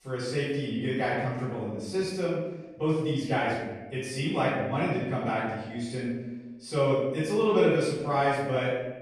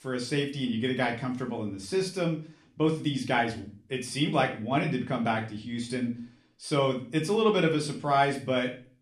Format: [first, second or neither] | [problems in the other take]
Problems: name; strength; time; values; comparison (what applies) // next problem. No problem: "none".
second | room echo; strong; dies away in 1 s; slight in the second // off-mic speech; far; somewhat distant in the second